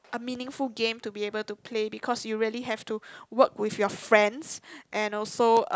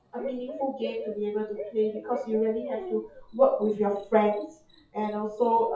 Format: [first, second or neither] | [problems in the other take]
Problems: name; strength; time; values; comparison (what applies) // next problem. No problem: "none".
first | noise reduction (classical method WPE with log-MMSE)